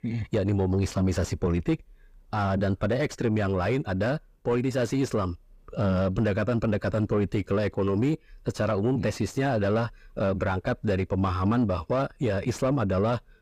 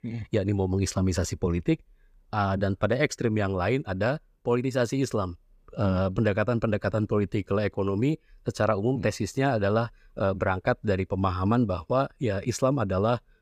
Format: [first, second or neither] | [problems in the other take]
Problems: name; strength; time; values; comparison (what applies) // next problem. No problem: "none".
second | distortion; slight; 10 dB below the speech